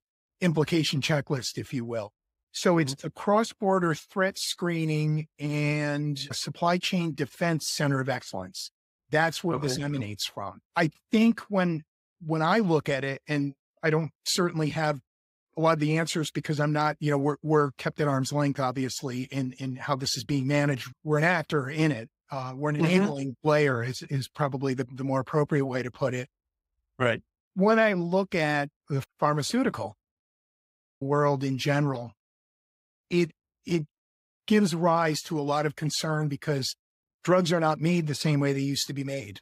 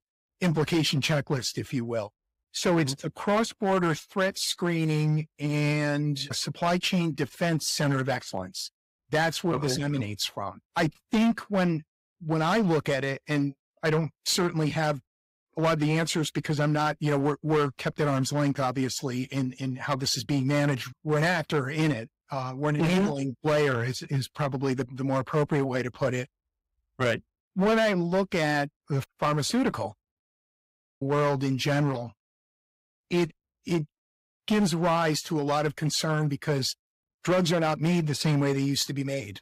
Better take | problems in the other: first | distortion; slight; 7% of the sound clipped

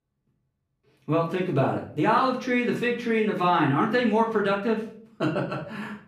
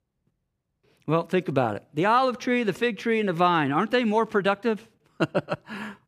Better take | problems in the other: second | off-mic speech; far // room echo; slight; dies away in 0.4 s

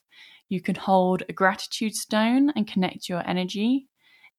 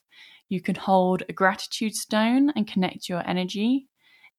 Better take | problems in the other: neither | none

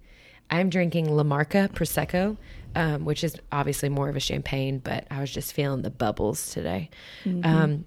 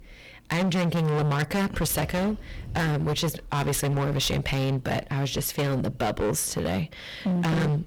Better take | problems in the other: first | distortion; heavy; 24% of the sound clipped

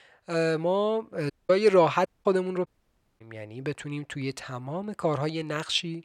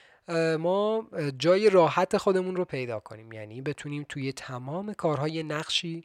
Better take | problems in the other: second | audio cutting out; at 1.5 s, at 2 s and at 2.5 s for 0.5 s

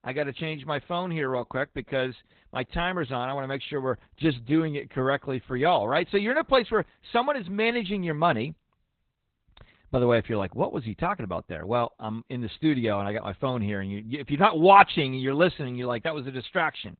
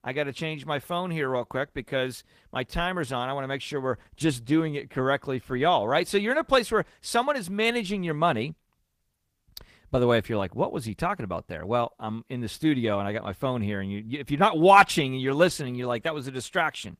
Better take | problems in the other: second | garbled, watery; badly; nothing above 4 kHz; slightly in the second

